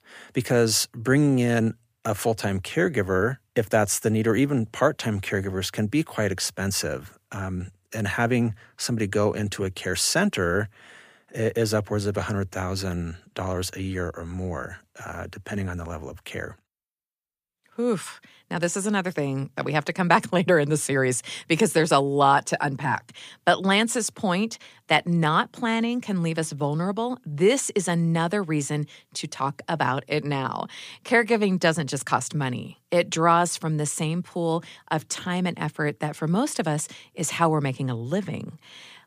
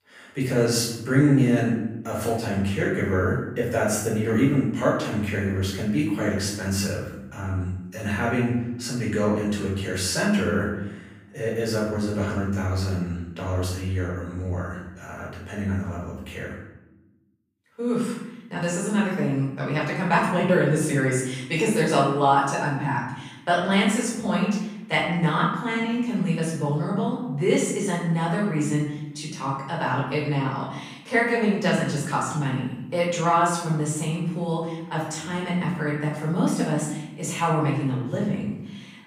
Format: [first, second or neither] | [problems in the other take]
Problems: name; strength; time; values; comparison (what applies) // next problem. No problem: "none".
first | off-mic speech; far // room echo; noticeable; dies away in 0.8 s